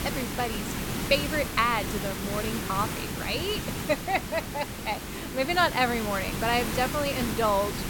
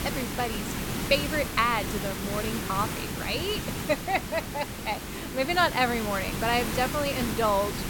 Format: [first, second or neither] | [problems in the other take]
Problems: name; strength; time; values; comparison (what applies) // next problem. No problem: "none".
neither | hiss; loud; throughout; 4 dB below the speech; the same in both